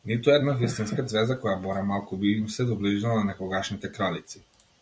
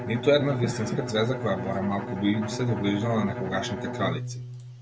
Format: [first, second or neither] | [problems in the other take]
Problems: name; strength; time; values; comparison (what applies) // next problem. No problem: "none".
first | background sound (Bowed string instrument); 7 dB below the speech